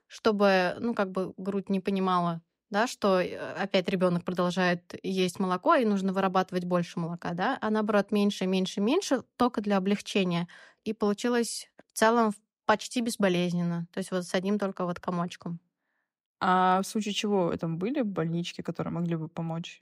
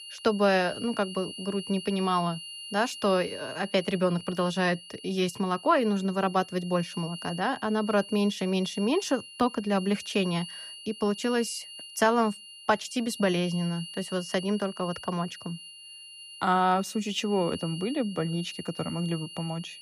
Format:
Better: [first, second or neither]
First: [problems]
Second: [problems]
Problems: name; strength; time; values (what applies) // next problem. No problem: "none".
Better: first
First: none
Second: high-pitched whine; noticeable; throughout; 3 kHz, 15 dB below the speech